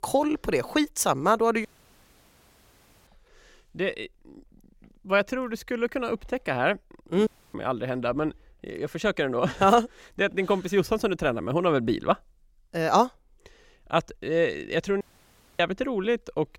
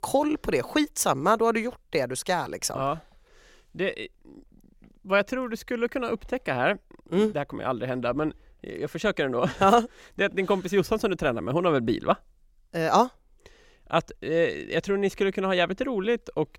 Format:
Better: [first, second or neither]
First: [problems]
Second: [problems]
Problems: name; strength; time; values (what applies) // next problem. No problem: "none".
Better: second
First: audio cutting out; at 1.5 s for 1.5 s, at 7.5 s and at 15 s for 0.5 s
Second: none